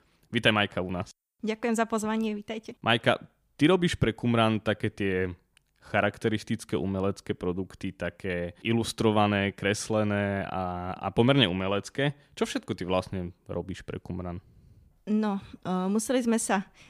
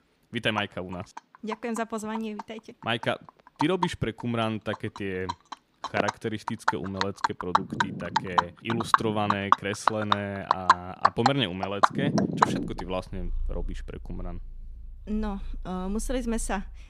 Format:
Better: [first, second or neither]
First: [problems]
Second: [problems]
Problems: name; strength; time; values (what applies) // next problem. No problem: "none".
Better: first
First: none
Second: animal sounds; very loud; throughout; 4 dB above the speech